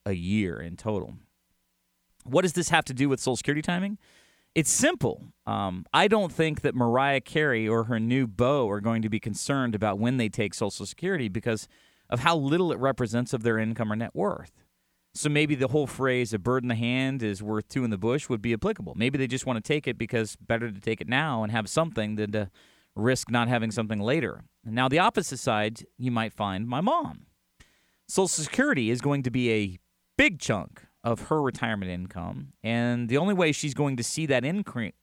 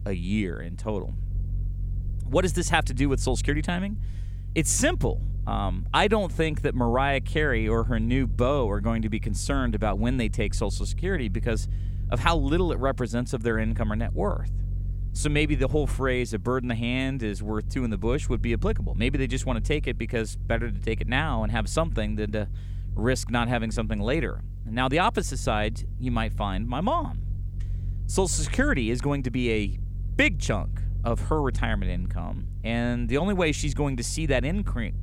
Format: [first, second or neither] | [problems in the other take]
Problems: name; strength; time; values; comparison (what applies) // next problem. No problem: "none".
first | low rumble; faint; throughout; 20 dB below the speech